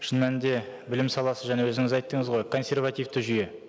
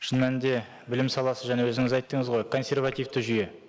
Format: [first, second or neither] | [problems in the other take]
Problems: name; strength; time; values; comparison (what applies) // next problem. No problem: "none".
first | noise reduction (neural mask model Resemble Enhance denoiser)